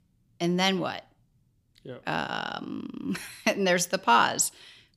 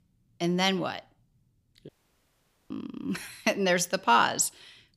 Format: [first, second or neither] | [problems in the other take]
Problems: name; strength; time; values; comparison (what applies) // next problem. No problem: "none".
first | audio cutting out; at 2 s for 1 s